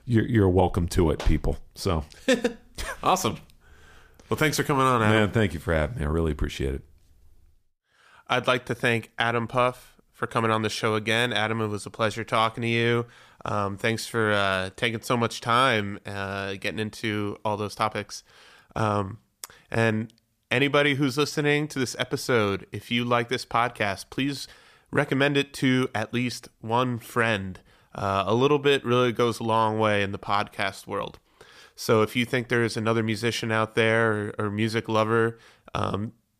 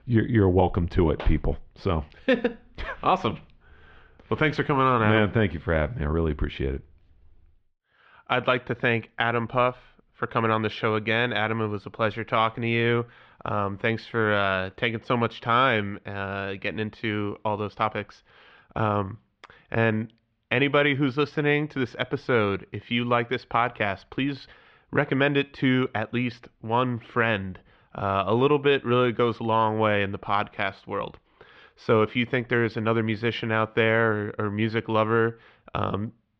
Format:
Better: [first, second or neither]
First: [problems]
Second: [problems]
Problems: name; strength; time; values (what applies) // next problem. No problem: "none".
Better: first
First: none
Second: muffled; slightly; fading above 3.5 kHz